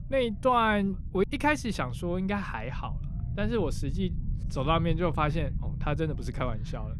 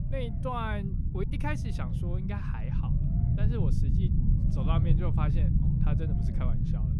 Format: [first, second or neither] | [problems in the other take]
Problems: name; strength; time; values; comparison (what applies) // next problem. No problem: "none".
first | low rumble; loud; throughout; 2 dB below the speech; faint in the first